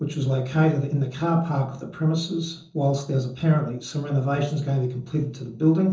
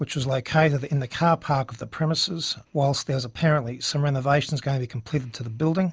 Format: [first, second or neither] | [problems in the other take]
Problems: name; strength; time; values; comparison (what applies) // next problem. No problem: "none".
second | noise reduction (neural separator model SepFormer DNS4)